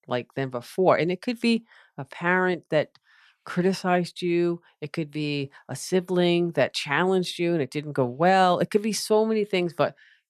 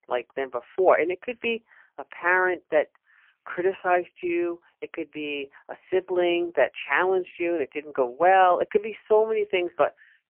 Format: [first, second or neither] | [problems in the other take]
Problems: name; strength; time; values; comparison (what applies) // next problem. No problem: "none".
first | phone-call audio; poor line; nothing above 3 kHz